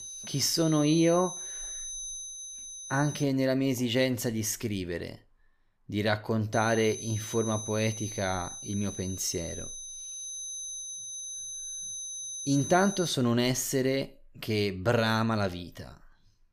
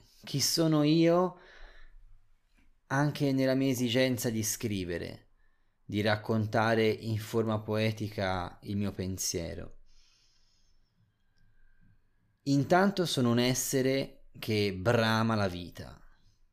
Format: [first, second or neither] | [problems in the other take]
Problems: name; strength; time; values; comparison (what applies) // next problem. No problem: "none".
second | high-pitched whine; loud; until 3 s and from 6.5 to 13 s; 6 kHz, 8 dB below the speech